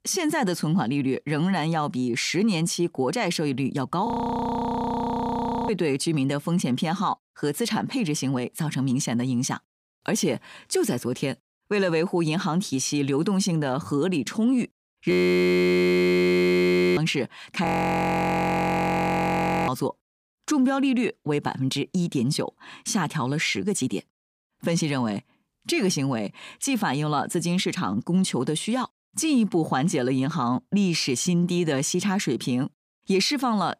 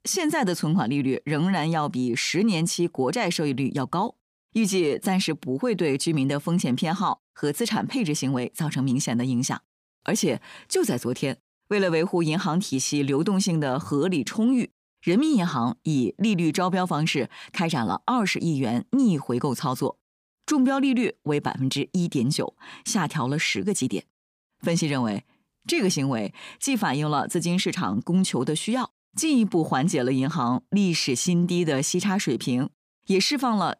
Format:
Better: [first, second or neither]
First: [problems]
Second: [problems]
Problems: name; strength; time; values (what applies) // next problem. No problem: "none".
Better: second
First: audio freezing; at 4 s for 1.5 s, at 15 s for 2 s and at 18 s for 2 s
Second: none